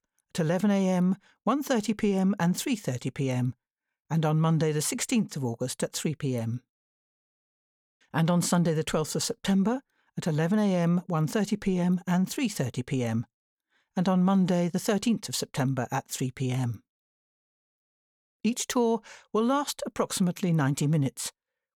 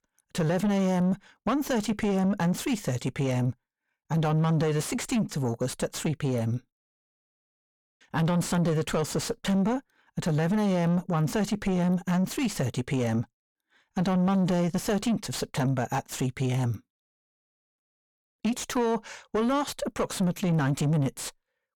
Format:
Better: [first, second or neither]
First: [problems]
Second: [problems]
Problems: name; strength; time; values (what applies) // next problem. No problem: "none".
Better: first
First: none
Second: distortion; slight; 9 dB below the speech